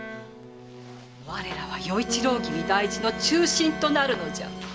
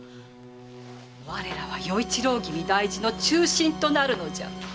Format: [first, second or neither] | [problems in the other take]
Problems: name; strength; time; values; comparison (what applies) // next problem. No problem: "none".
second | background sound (Bowed string instrument + Bass guitar); 10 dB below the speech